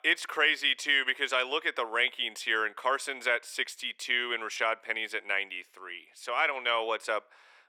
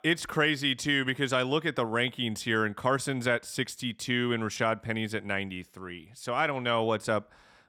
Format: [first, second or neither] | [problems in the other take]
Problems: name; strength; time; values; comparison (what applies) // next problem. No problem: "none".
second | thin; very; fading below 400 Hz